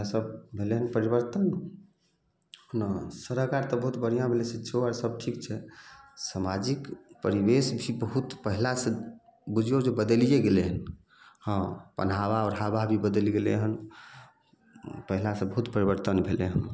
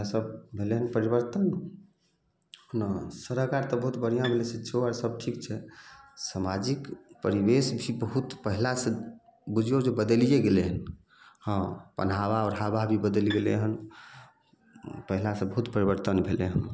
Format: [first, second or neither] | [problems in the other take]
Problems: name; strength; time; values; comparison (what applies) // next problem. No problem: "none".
first | background sound (Bowed string instrument); 16 dB below the speech